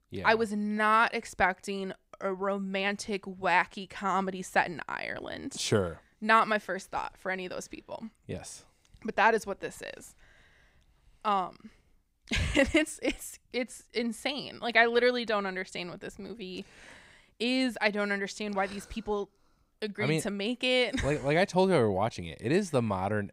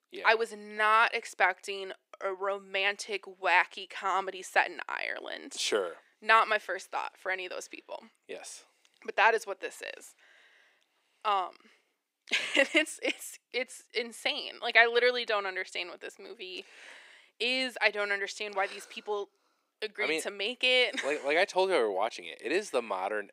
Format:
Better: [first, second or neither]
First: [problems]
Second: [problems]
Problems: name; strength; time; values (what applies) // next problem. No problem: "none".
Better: first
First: none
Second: thin; somewhat; fading below 350 Hz